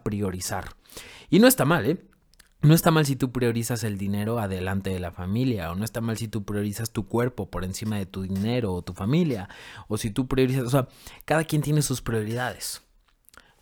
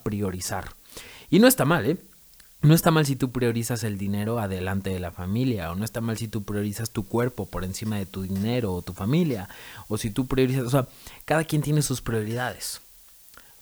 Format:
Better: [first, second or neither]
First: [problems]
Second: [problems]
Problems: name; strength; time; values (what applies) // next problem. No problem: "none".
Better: first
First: none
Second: hiss; faint; throughout; 25 dB below the speech